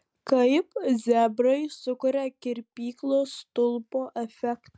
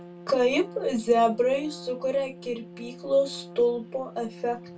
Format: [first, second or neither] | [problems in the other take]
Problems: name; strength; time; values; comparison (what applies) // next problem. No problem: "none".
first | background sound (Trumpet); 17 dB below the speech // room echo; dies away in 0.2 s